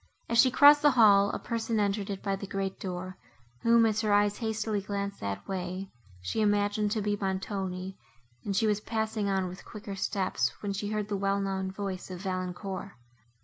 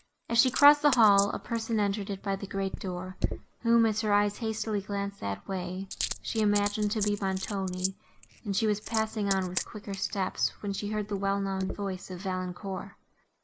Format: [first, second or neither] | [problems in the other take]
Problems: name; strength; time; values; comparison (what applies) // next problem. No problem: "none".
first | noise reduction (neural mask model Resemble Enhance denoiser)